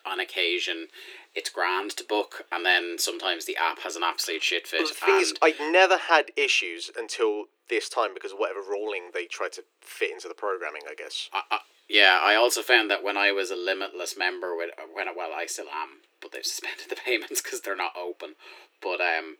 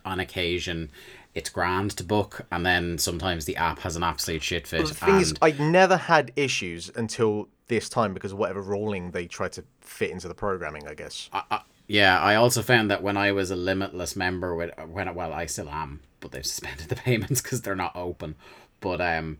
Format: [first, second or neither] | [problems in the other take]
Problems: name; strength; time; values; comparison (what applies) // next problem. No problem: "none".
second | thin; very; fading below 300 Hz